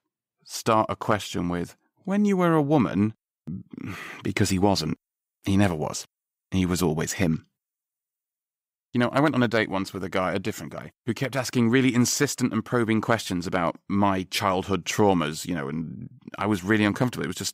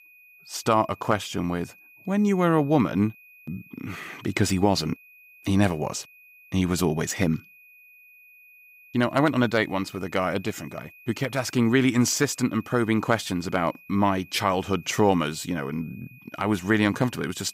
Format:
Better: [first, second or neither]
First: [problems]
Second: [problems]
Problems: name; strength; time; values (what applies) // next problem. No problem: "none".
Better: first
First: none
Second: high-pitched whine; faint; throughout; 2.5 kHz, 25 dB below the speech